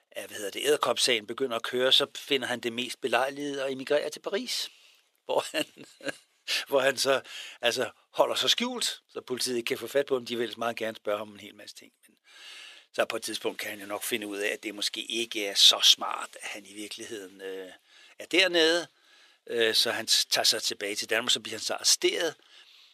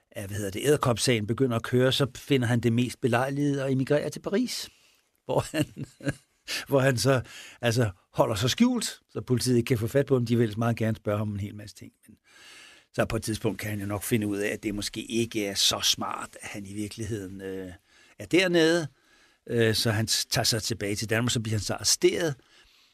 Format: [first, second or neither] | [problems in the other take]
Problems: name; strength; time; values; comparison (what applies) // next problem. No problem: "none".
second | thin; somewhat; fading below 500 Hz